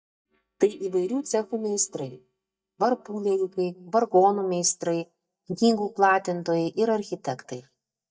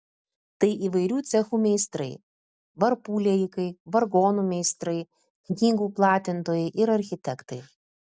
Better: second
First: noise reduction (neural mask model DeepFilterNet 3)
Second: none

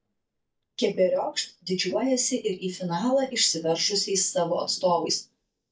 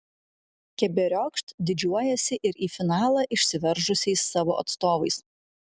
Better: second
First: noise reduction (neural mask model DeepFilterNet 3)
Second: none

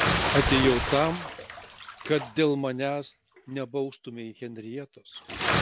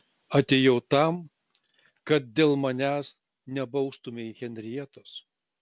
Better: second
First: background sound (Bathtub (filling or washing) / Splash, splatter); 3 dB below the speech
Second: none

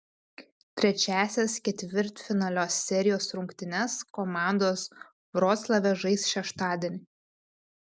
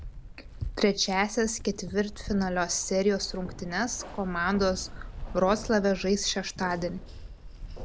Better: first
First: none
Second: background sound (Keys jangling); 11 dB below the speech

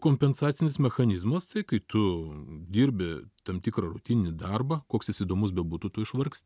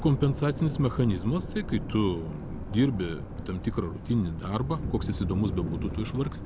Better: first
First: none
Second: background sound (Thunder); 7 dB below the speech

